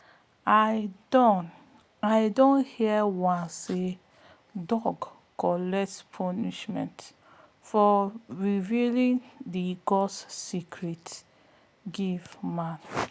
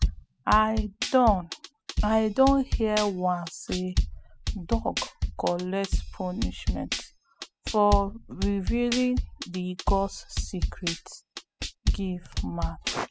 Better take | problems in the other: first | noise reduction (classical method spectral subtraction)

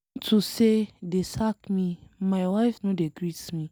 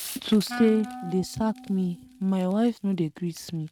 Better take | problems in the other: first | noise reduction (neural mask model RNNoise)

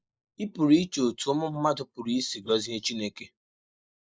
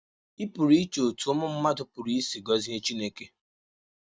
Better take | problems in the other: second | noise reduction (neural mask model Resemble Enhance denoiser)

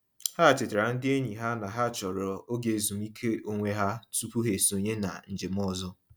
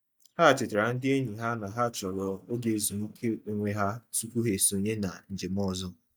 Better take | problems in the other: first | noise reduction (neural mask model DeepFilterNet 3)

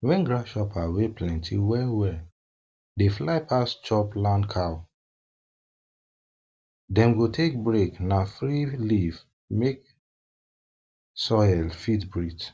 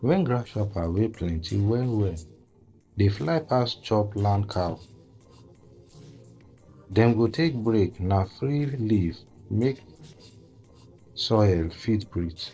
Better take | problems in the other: first | noise reduction (neural separator model SepFormer DNS4)

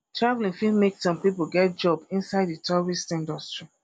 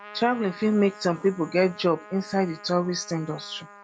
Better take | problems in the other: first | background sound (Trumpet); 20 dB below the speech

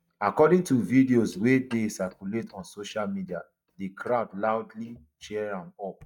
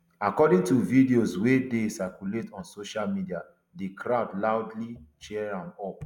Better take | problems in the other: second | noise reduction (neural mask model DeepFilterNet 3)

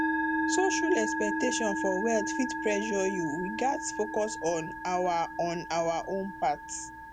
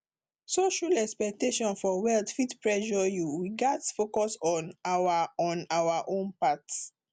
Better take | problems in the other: second | background sound (Musical instrument); 2 dB below the speech

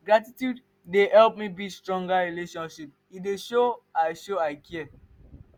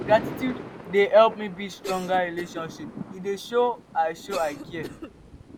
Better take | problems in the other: first | background sound (Cough + Thunder); 13 dB below the speech

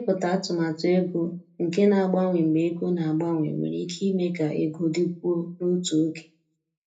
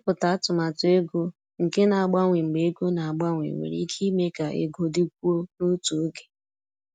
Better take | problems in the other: second | room echo; dies away in 0.3 s

